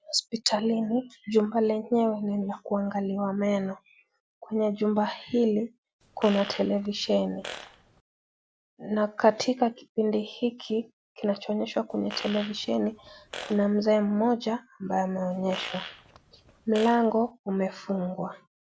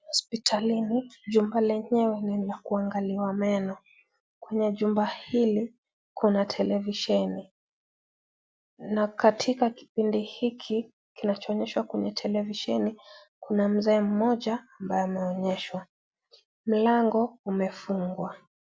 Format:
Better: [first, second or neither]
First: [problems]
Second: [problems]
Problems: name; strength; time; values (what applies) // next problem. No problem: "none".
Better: second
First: background sound (Fart); 15 dB below the speech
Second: none